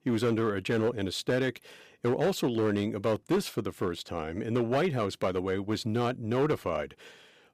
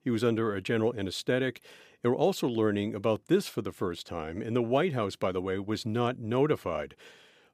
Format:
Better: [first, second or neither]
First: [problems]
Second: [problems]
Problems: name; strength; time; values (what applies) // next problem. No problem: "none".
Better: second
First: distortion; slight; 7% of the sound clipped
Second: none